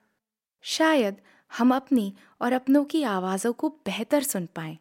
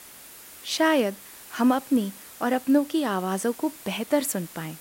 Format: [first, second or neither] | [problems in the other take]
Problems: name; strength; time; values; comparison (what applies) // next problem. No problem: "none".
first | hiss; noticeable; throughout; 15 dB below the speech